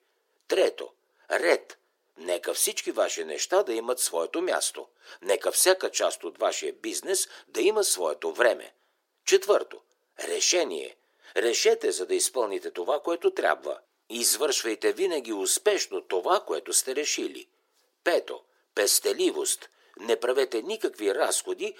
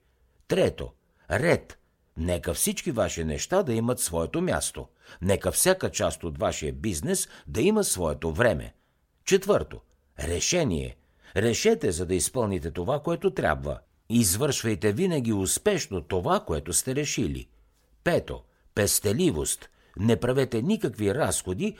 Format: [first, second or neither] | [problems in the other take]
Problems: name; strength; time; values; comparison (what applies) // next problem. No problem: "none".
second | thin; very; fading below 350 Hz